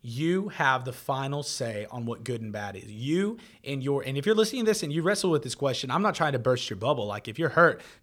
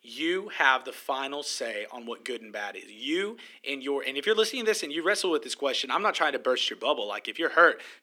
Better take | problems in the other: first | thin; somewhat; fading below 250 Hz

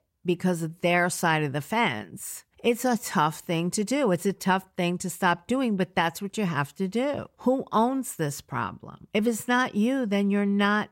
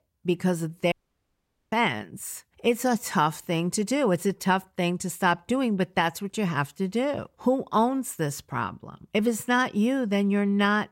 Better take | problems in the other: first | audio cutting out; at 1 s for 1 s

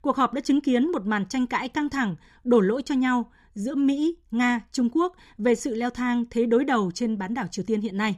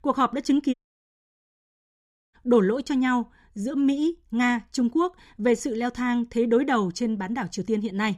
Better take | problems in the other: first | audio cutting out; at 0.5 s for 1.5 s

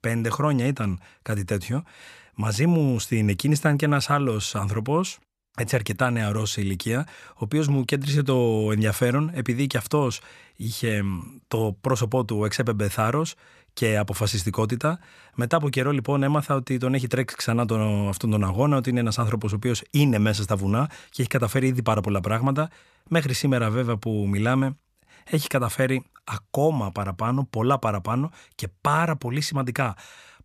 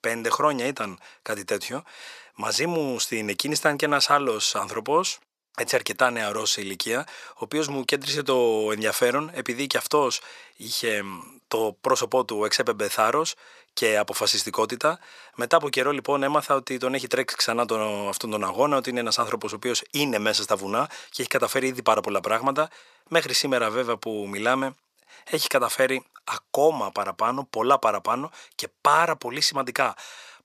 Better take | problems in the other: first | thin; very; fading below 450 Hz

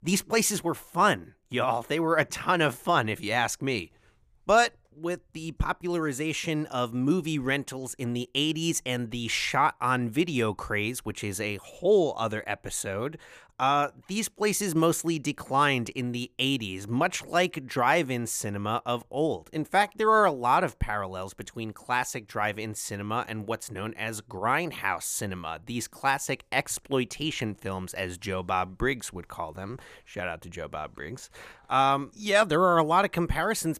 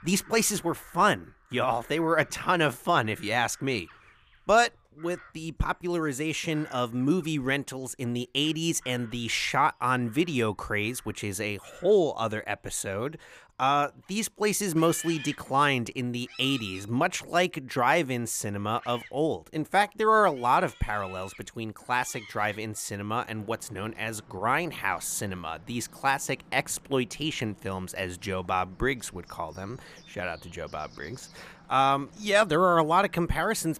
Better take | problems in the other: first | animal sounds; faint; throughout; 20 dB below the speech

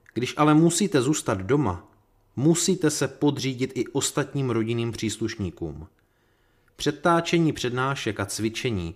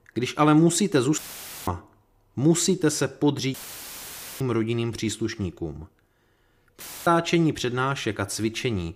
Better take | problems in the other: first | audio cutting out; filled with static; at 1 s, at 3.5 s for 1 s and at 7 s

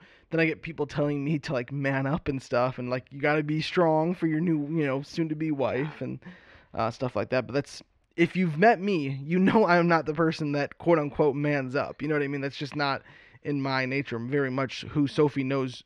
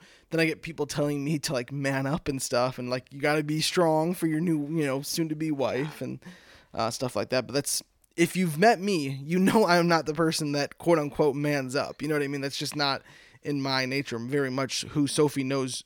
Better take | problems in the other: second | muffled; slightly; fading above 2.5 kHz

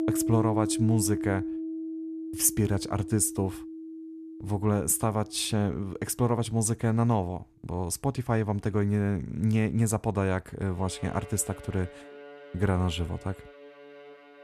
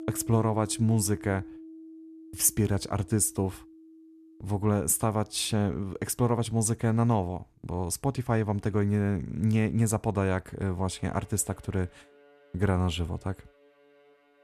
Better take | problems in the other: second | background music; loud; throughout; 9 dB below the speech; faint in the second

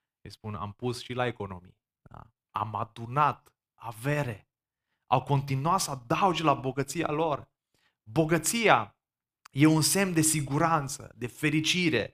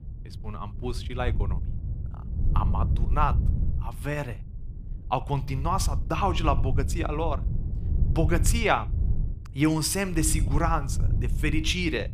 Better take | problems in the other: first | wind noise on the microphone; occasional gusts; 15 dB below the speech

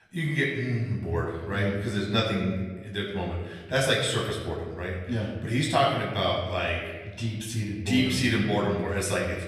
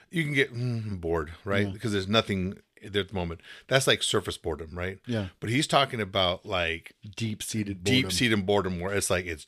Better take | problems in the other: second | off-mic speech; far // room echo; noticeable; dies away in 1.3 s

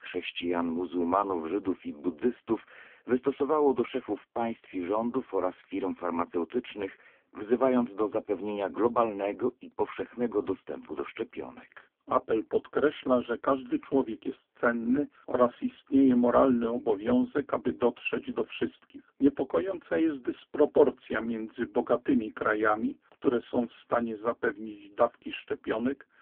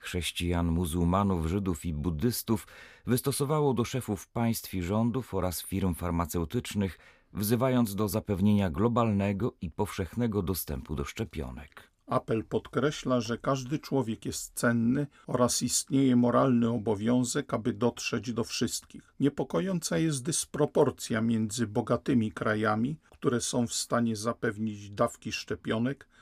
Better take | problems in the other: second | phone-call audio; poor line; nothing above 3.5 kHz

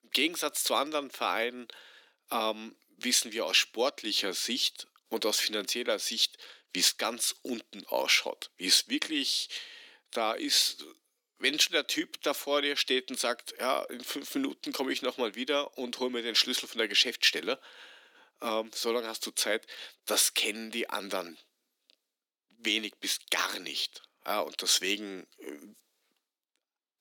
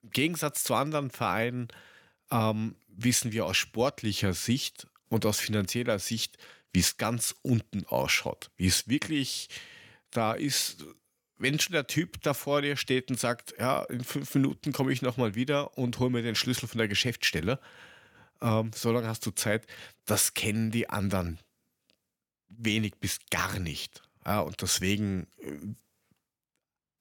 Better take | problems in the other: second | thin; somewhat; fading below 300 Hz

